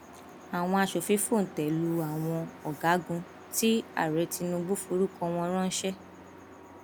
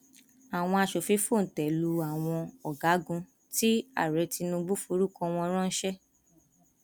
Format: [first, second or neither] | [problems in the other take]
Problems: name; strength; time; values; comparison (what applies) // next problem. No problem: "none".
second | background sound (Truck); 17 dB below the speech